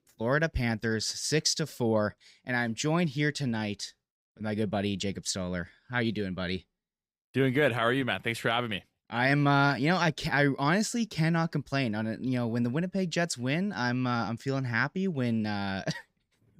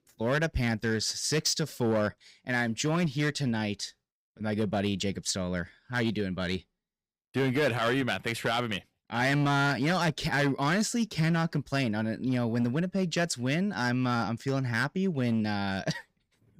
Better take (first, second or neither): first